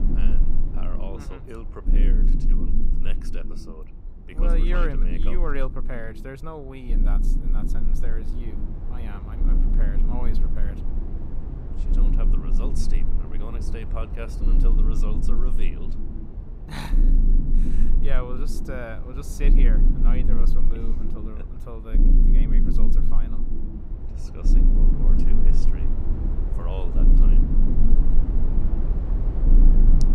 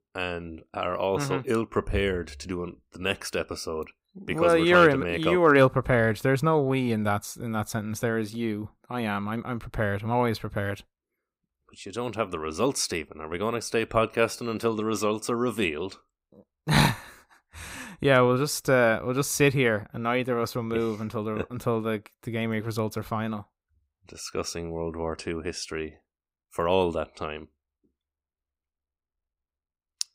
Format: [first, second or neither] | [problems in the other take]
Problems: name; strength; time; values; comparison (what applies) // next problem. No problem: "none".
second | low rumble; loud; throughout; 1 dB below the speech